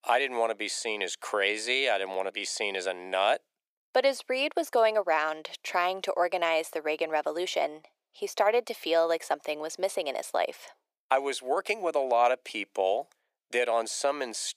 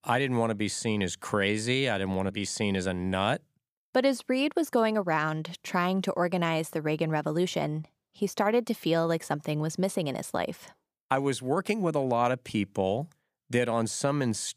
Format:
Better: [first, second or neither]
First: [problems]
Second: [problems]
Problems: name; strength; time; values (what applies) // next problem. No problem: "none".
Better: second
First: thin; very; fading below 400 Hz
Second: none